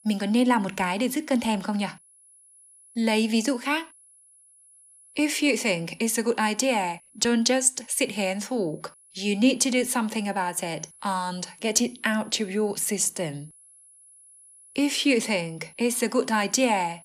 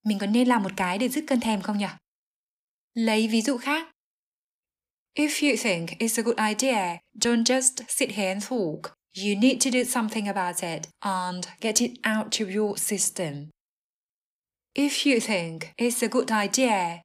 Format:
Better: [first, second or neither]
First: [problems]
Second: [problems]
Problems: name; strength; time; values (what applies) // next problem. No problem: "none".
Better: second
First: high-pitched whine; faint; throughout; 10.5 kHz, 25 dB below the speech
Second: none